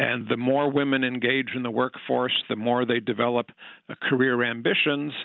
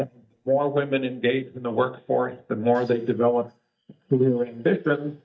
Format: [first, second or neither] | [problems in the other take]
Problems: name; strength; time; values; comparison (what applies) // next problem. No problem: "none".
first | noise reduction (neural mask model DeepFilterNet 3)